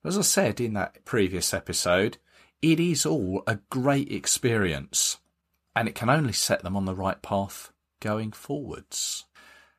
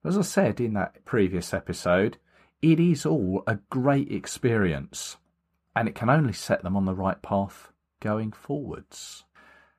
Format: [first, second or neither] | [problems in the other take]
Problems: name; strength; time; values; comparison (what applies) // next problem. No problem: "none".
first | muffled; slightly; fading above 2.5 kHz